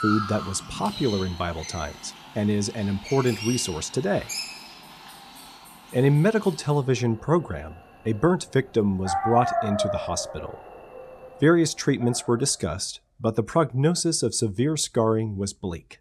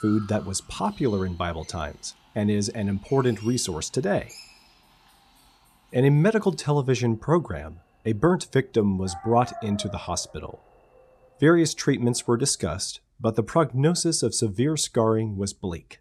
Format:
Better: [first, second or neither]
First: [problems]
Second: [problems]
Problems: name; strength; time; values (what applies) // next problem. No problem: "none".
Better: second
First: animal sounds; loud; until 12 s; 9 dB below the speech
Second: animal sounds; faint; until 12 s; 25 dB below the speech